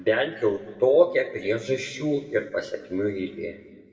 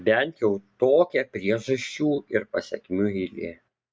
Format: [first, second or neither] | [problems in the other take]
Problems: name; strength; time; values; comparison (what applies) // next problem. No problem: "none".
second | room echo; dies away in 1.4 s